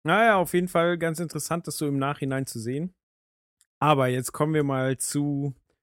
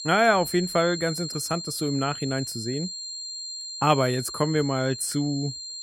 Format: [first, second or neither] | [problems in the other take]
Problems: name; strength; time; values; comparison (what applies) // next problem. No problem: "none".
first | high-pitched whine; loud; throughout; 4 kHz, 8 dB below the speech